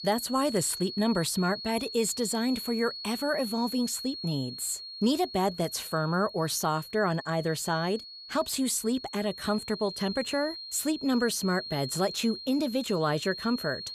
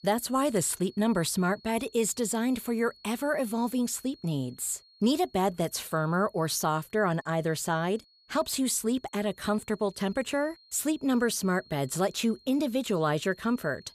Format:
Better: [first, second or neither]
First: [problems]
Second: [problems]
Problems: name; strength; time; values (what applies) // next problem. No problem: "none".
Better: second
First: high-pitched whine; loud; throughout; 4.5 kHz, 9 dB below the speech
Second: high-pitched whine; faint; throughout; 4.5 kHz, 25 dB below the speech